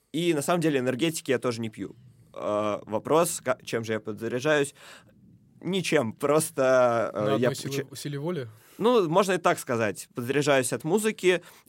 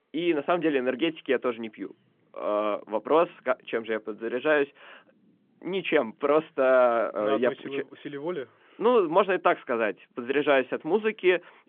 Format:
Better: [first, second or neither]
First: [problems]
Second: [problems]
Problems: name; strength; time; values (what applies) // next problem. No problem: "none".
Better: first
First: none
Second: phone-call audio; nothing above 3.5 kHz